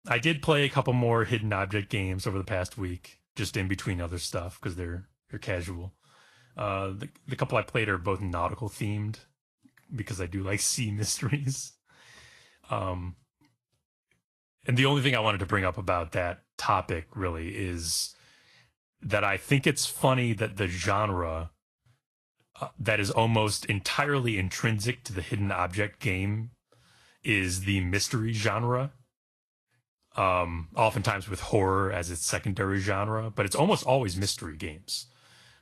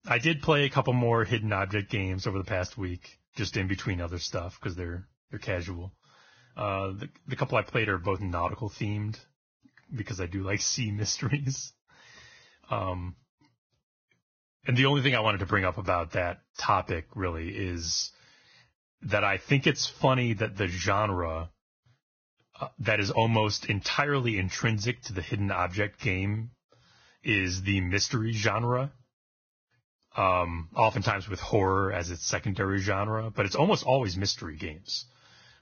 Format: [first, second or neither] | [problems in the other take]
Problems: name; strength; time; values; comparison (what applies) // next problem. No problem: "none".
first | garbled, watery; badly; nothing above 6.5 kHz; slightly in the first